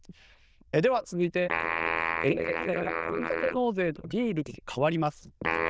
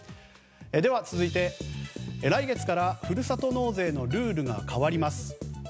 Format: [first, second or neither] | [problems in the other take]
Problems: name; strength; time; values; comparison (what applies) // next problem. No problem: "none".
second | noise reduction (neural diffusion model UNIVERSE++)